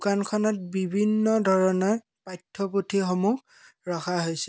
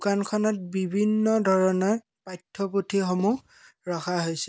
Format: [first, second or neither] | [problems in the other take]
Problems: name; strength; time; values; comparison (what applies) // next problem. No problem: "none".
first | noise reduction (neural mask model Resemble Enhance denoiser)